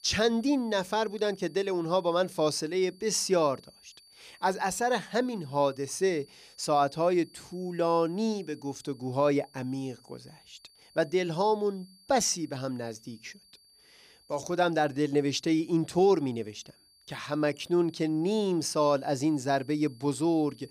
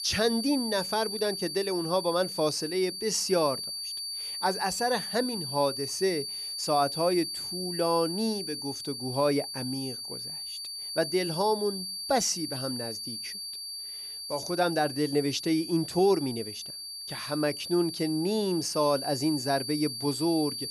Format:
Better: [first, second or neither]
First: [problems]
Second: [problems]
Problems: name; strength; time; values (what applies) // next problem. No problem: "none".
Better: first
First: high-pitched whine; faint; throughout; 4.5 kHz, 30 dB below the speech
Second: high-pitched whine; loud; throughout; 4.5 kHz, 5 dB below the speech